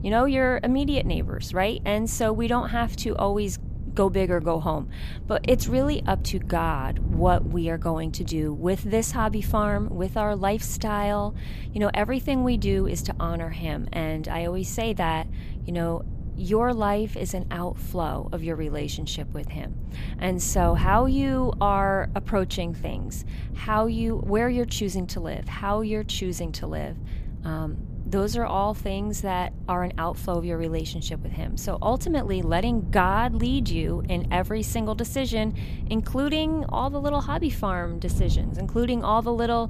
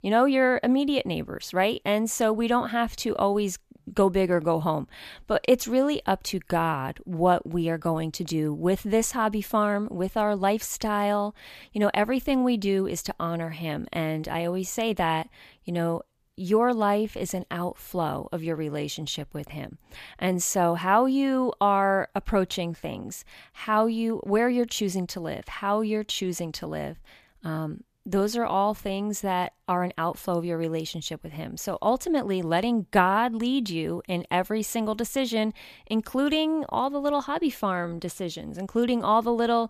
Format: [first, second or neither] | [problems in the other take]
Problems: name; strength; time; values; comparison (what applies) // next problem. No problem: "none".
second | wind noise on the microphone; occasional gusts; 20 dB below the speech